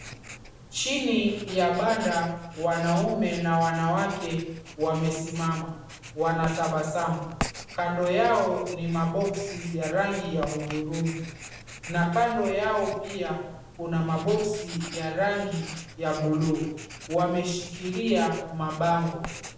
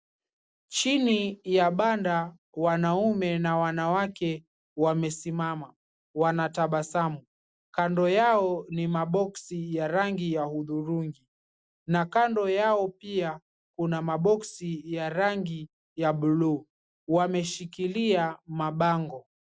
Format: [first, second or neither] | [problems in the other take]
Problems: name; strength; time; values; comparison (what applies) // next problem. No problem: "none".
second | background sound (Writing); 14 dB below the speech // room echo; dies away in 0.7 s